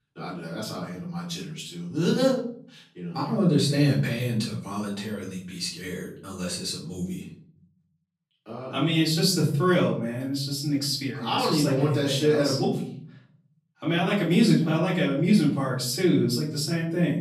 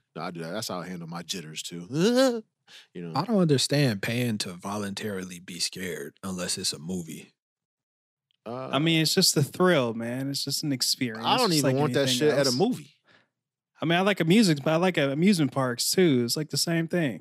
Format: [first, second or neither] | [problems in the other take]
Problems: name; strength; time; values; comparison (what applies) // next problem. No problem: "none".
second | off-mic speech; far // room echo; slight; dies away in 0.7 s